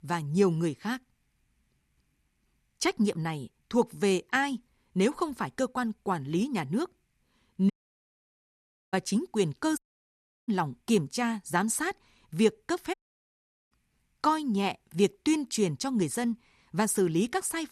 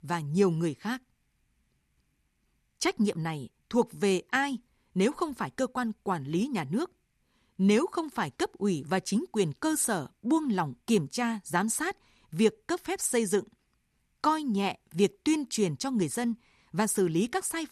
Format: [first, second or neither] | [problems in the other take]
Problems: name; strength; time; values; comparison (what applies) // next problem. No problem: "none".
second | audio cutting out; at 7.5 s for 1 s, at 10 s for 0.5 s and at 13 s for 1 s